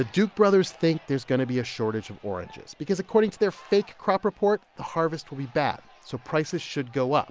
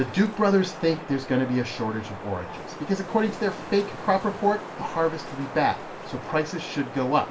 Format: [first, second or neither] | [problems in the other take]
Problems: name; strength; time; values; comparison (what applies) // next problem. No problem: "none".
first | background sound (Wind); 12 dB below the speech // room echo; dies away in 0.2 s